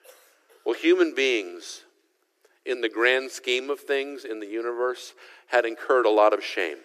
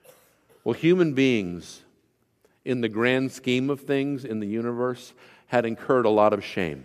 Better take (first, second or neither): second